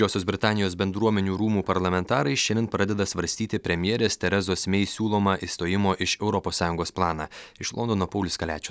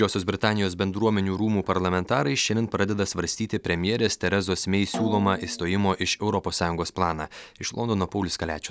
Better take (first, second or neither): first